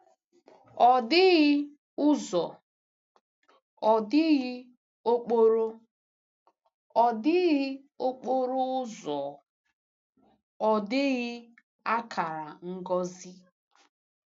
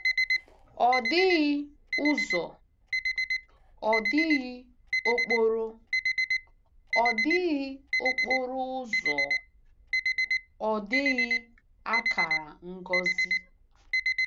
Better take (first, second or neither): first